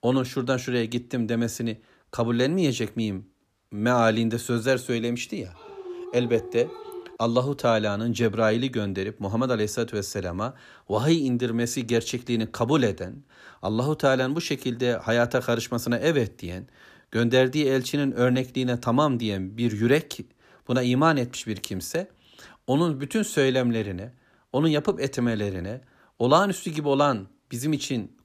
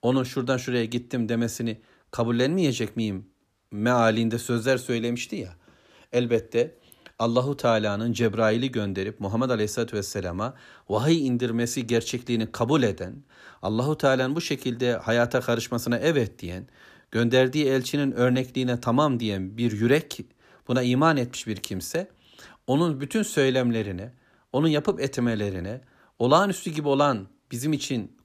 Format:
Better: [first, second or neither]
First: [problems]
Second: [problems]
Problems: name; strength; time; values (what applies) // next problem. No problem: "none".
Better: second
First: dog barking; faint; from 5.5 to 7 s; peak 10 dB below the speech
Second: none